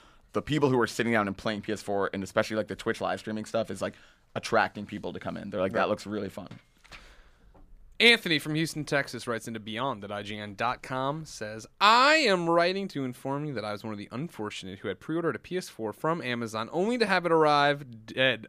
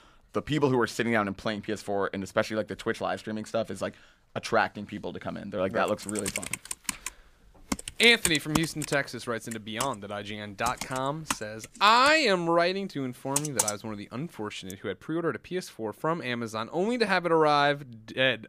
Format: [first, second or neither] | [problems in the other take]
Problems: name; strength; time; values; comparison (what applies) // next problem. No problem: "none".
first | keyboard typing; loud; from 6 to 15 s; peak 1 dB above the speech